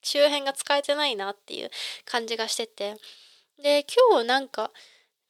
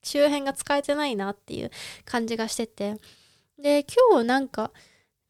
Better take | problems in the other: second | thin; somewhat; fading below 500 Hz

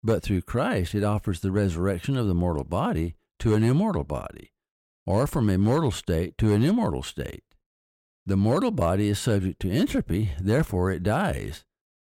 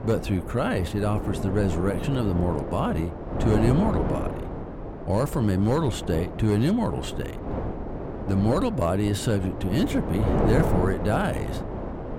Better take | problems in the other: first | wind noise on the microphone; heavy; 5 dB below the speech

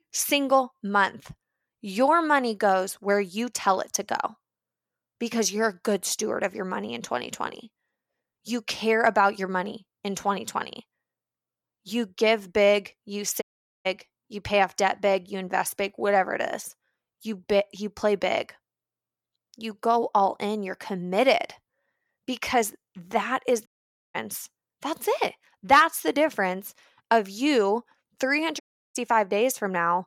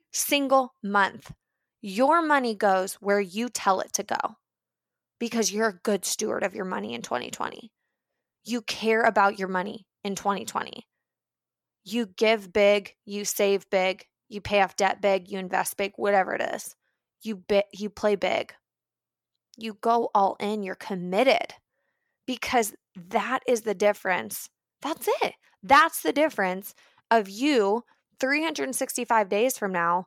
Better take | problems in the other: second | audio cutting out; at 13 s, at 24 s and at 29 s

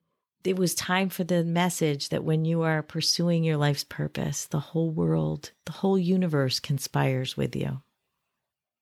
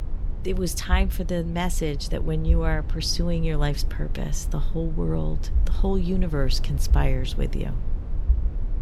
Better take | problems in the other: first | low rumble; noticeable; throughout; 15 dB below the speech

